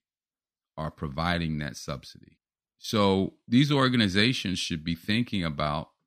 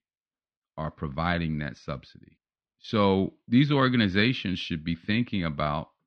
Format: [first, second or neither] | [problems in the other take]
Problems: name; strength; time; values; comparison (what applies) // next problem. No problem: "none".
first | muffled; slightly; fading above 3.5 kHz